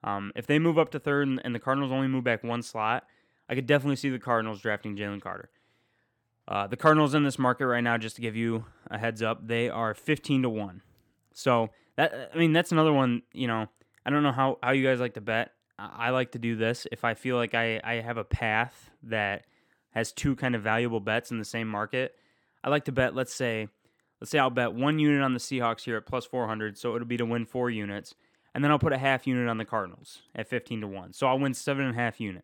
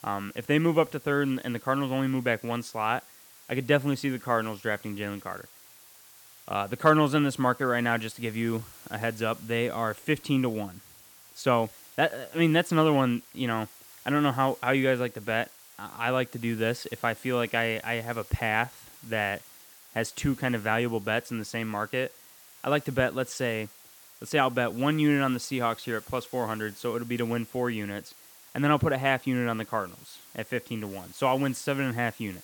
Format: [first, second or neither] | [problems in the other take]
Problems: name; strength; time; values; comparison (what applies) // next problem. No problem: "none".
first | hiss; faint; throughout; 20 dB below the speech